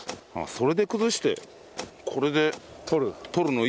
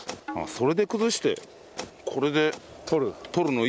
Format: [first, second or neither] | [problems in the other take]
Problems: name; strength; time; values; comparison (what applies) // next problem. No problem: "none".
first | background sound (Tabla); 17 dB below the speech